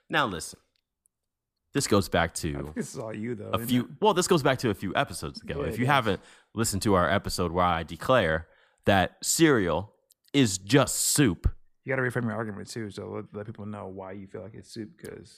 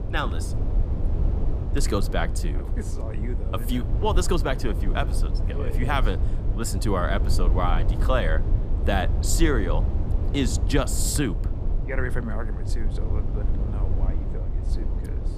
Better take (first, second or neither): first